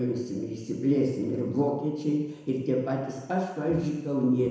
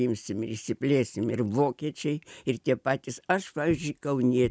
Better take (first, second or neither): second